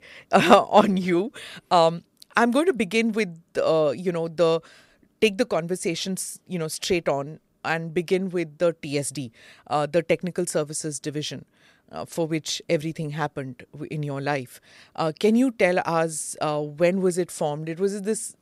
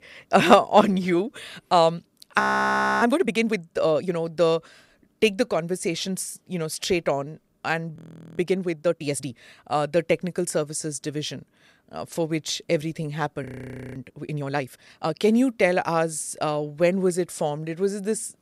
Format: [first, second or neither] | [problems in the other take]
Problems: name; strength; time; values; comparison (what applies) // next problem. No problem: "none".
first | audio freezing; at 2.5 s for 0.5 s, at 8 s and at 13 s for 0.5 s